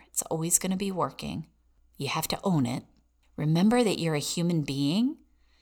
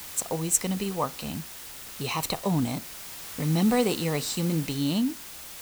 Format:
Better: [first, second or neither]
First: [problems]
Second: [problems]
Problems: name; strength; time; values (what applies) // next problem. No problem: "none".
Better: first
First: none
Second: hiss; noticeable; throughout; 10 dB below the speech